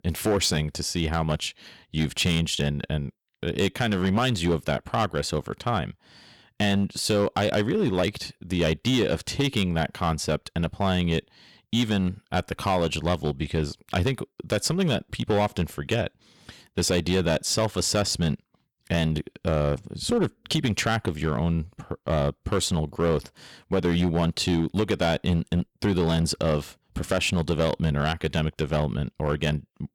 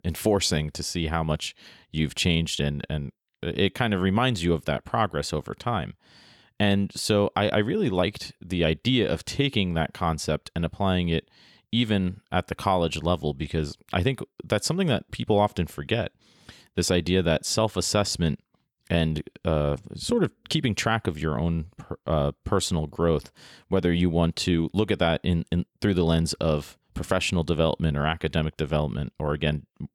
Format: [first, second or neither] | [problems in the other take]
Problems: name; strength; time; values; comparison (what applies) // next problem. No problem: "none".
second | distortion; slight; 6% of the sound clipped